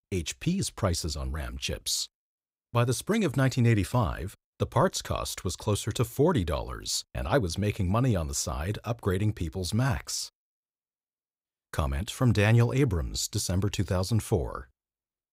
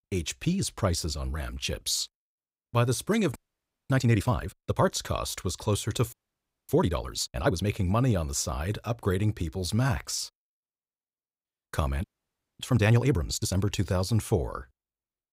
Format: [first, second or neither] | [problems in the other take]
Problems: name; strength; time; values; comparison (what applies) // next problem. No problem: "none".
first | audio freezing; at 3.5 s for 0.5 s, at 6 s for 0.5 s and at 12 s for 0.5 s